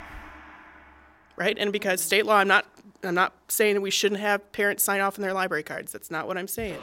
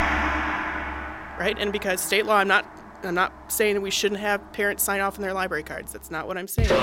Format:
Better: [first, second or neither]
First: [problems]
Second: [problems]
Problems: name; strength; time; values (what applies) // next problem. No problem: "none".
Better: first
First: background music; faint; throughout; 25 dB below the speech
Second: background music; loud; throughout; 5 dB below the speech